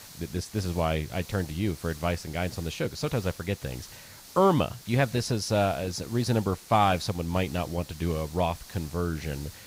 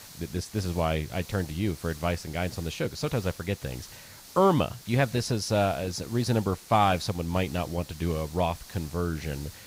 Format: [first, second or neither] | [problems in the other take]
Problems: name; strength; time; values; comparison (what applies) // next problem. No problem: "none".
neither | hiss; noticeable; throughout; 15 dB below the speech; the same in both